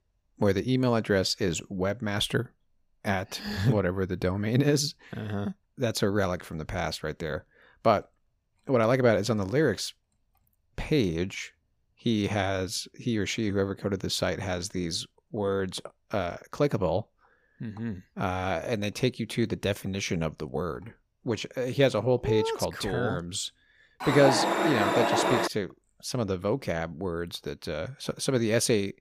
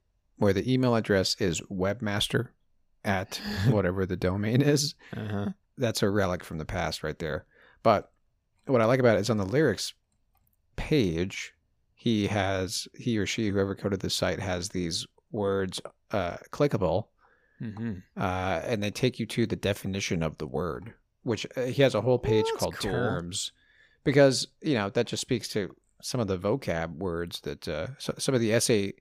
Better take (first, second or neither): second